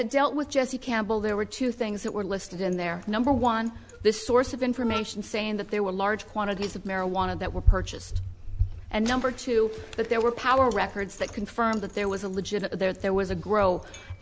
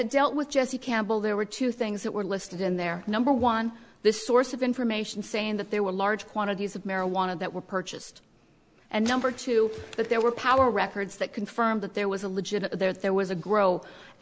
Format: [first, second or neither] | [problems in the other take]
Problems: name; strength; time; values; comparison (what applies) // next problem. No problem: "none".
second | background sound (Bicycle); 8 dB below the speech